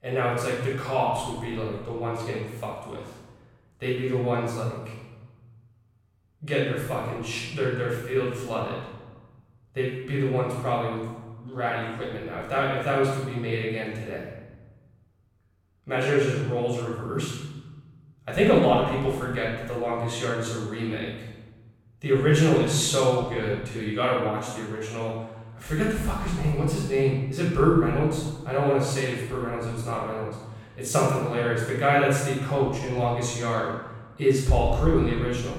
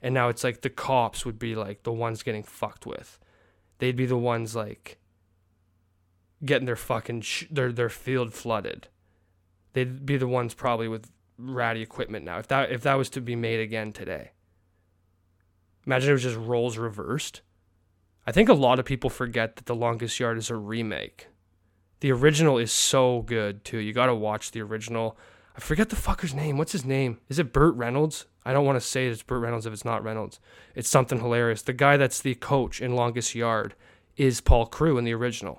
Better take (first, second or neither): second